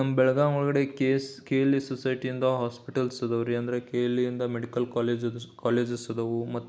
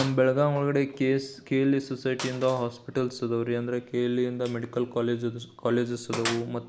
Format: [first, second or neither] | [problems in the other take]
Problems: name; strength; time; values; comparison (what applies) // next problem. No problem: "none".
first | background sound (Gunshot, gunfire); 16 dB below the speech